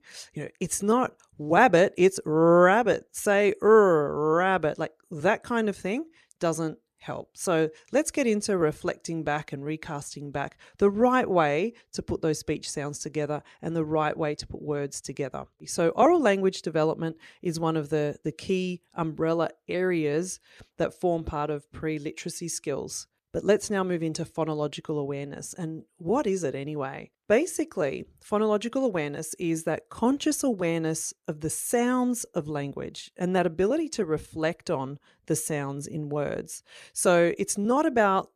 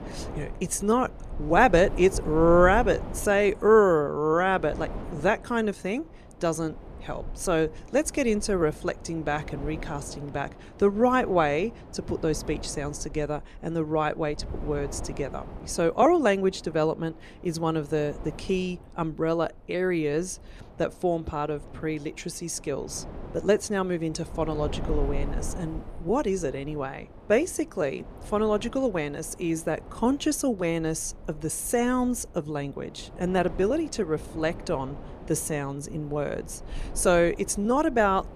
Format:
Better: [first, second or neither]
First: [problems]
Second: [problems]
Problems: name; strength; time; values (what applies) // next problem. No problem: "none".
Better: first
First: none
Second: wind noise on the microphone; occasional gusts; 20 dB below the speech